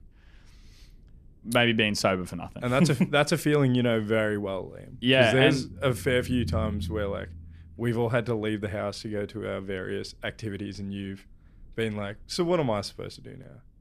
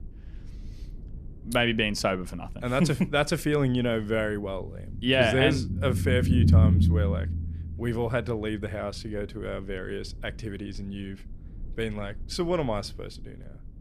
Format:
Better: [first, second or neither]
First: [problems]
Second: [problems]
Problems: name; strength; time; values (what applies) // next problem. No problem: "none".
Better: first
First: low rumble; faint; throughout; 25 dB below the speech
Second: low rumble; loud; throughout; 9 dB below the speech